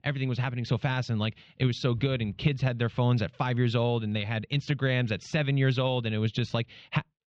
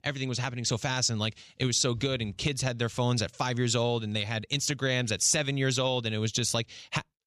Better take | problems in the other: second | muffled; very; fading above 3.5 kHz

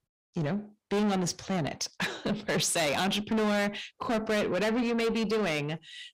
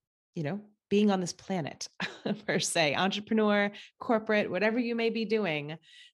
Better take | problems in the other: second | distortion; heavy; 6 dB below the speech

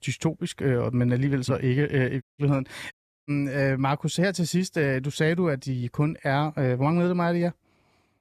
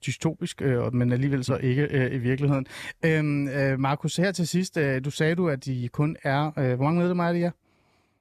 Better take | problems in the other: second | audio cutting out; at 2 s and at 3 s

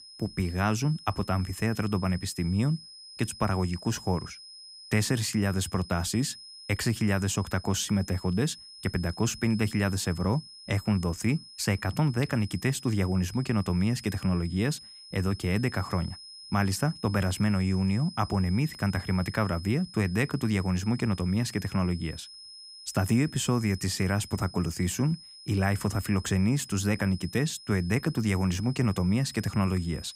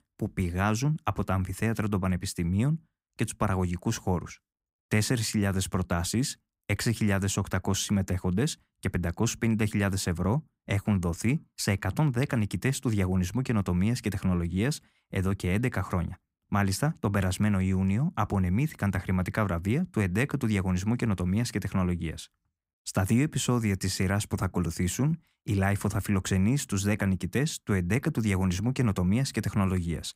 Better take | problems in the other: second | high-pitched whine; noticeable; throughout; 5 kHz, 15 dB below the speech

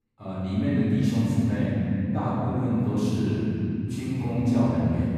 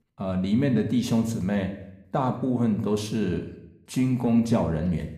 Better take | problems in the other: second | room echo; strong; dies away in 3 s; slight in the second // off-mic speech; far

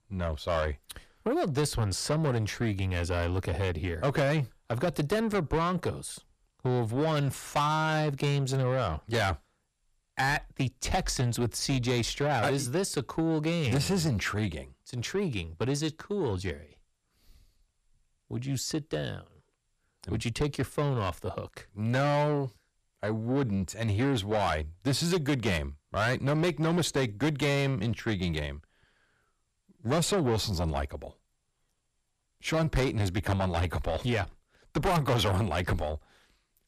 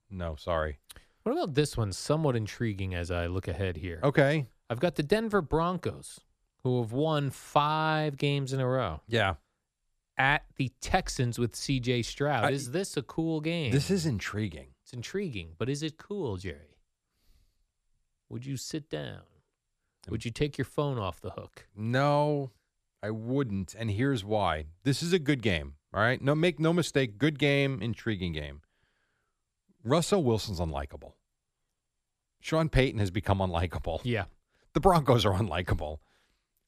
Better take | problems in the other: second | distortion; heavy; 7 dB below the speech

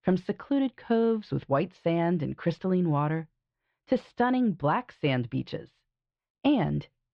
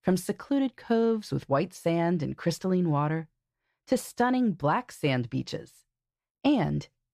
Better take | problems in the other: second | muffled; slightly; fading above 3.5 kHz

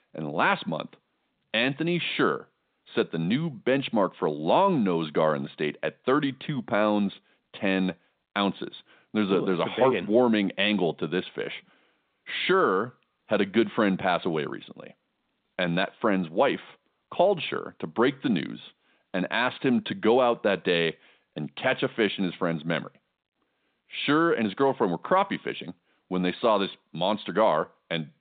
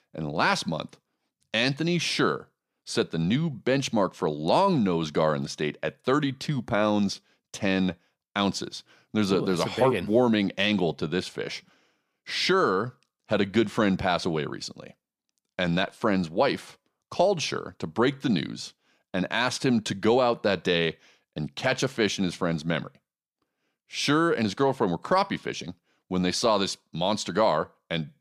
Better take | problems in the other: second | phone-call audio; nothing above 4 kHz

